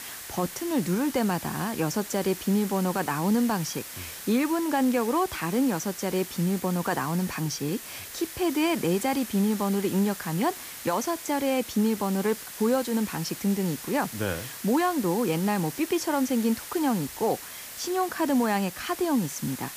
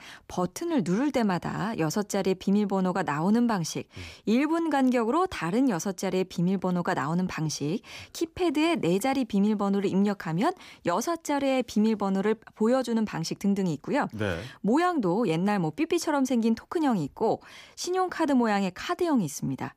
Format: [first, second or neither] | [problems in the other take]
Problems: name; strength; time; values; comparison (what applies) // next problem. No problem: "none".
second | hiss; noticeable; throughout; 10 dB below the speech